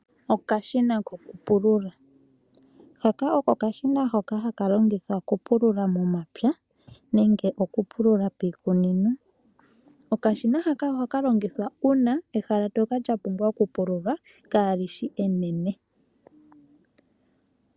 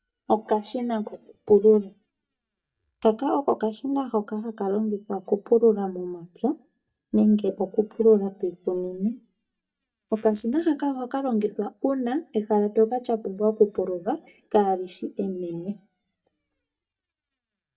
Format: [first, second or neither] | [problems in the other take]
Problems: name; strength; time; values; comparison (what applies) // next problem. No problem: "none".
first | noise reduction (neural mask model DeepFilterNet 3)